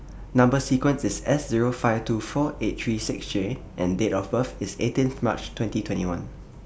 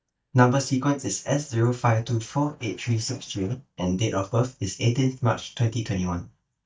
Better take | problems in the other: first | noise reduction (neural mask model DeepFilterNet 3)

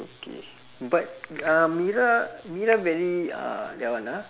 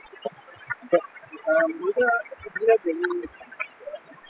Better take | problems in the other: first | noise reduction (classical method spectral subtraction)

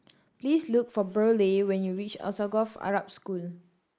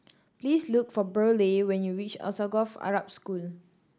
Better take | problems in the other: second | noise reduction (neural mask model Resemble Enhance denoiser)

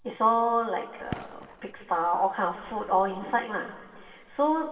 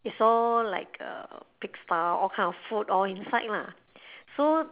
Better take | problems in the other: second | background sound (Fireworks); 19 dB below the speech // room echo; dies away in 1.9 s

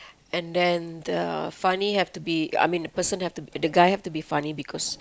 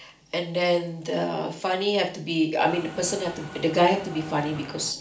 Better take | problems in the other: first | background sound (Mechanisms); 14 dB below the speech // room echo; dies away in 0.4 s

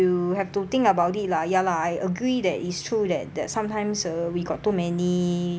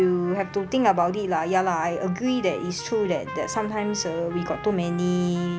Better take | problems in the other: first | background sound (Trumpet); 15 dB below the speech

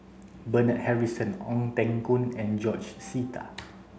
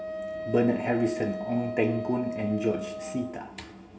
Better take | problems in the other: first | background sound (Wind instrument, woodwind instrument); 8 dB below the speech // room echo; dies away in 0.2 s

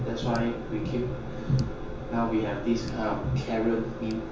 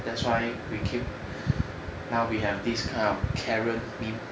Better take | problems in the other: second | background sound (Tick); 12 dB below the speech // room echo; dies away in 0.7 s

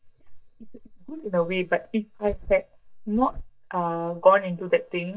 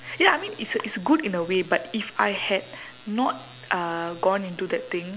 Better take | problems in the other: second | noise reduction (neural mask model DeepFilterNet 3)

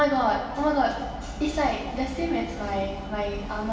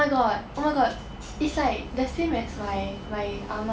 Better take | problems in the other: second | room echo; dies away in 2.3 s

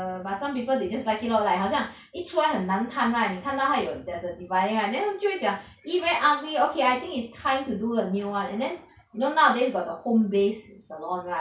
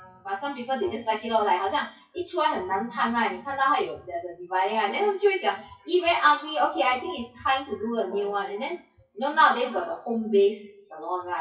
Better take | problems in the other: first | noise reduction (classical method WPE with log-MMSE)

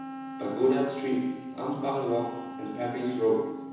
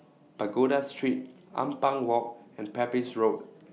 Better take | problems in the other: second | background sound (Wind instrument, woodwind instrument); 10 dB below the speech // room echo; dies away in 1.1 s

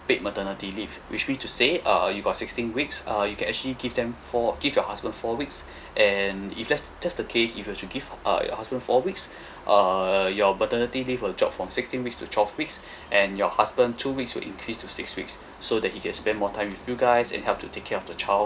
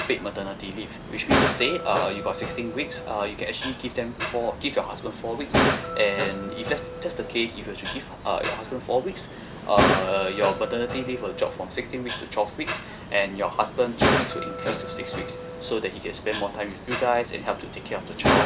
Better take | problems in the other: first | background sound (Dishes, pots, and pans); 1 dB below the speech

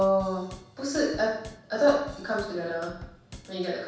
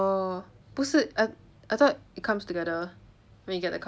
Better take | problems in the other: second | background sound (Drum / Drum kit); 18 dB below the speech // room echo; dies away in 0.7 s

